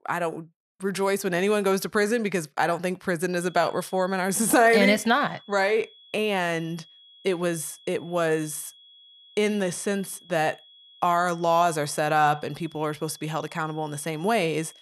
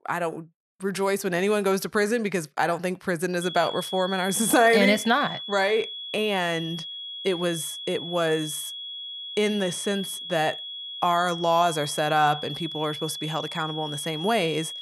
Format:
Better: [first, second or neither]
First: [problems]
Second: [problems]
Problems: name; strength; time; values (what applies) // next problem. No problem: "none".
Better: first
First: high-pitched whine; faint; from 3.5 s on; 3.5 kHz, 25 dB below the speech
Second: high-pitched whine; loud; from 3.5 s on; 3.5 kHz, 8 dB below the speech